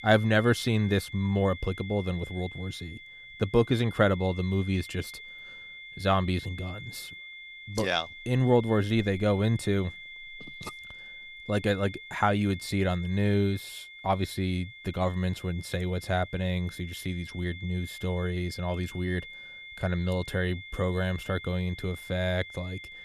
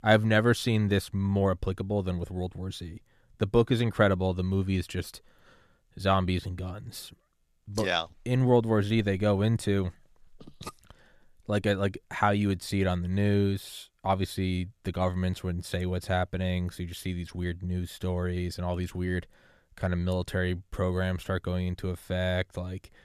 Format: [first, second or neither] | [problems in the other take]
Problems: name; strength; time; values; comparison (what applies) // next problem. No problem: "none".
second | high-pitched whine; noticeable; throughout; 2 kHz, 15 dB below the speech